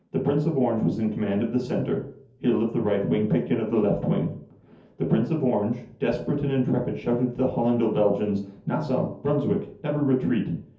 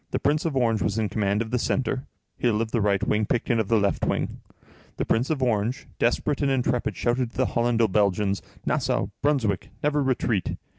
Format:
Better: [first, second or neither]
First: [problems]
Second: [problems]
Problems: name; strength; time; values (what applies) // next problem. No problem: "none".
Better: second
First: room echo; dies away in 0.5 s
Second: none